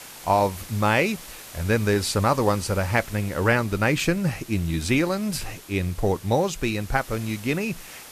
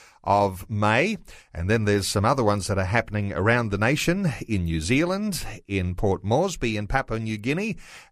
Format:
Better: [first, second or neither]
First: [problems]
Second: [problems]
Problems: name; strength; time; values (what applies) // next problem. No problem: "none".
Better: second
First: hiss; noticeable; throughout; 15 dB below the speech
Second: none